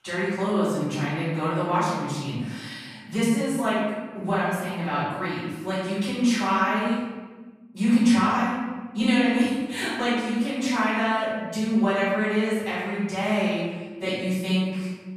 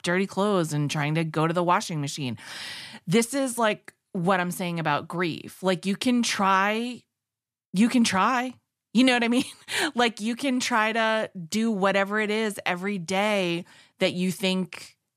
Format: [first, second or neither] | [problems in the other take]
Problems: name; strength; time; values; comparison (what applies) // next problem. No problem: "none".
second | room echo; strong; dies away in 1.3 s // off-mic speech; far